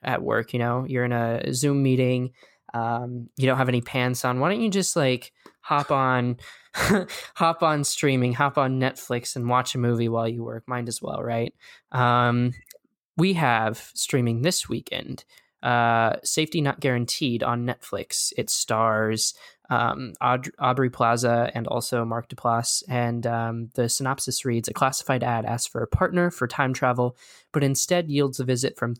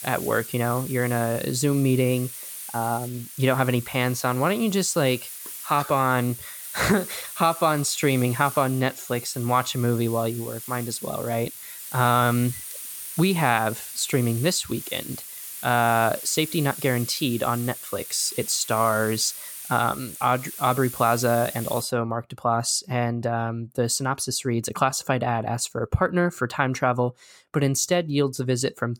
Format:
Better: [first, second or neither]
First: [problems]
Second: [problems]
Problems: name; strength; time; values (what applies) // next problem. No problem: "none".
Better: first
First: none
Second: hiss; noticeable; until 22 s; 10 dB below the speech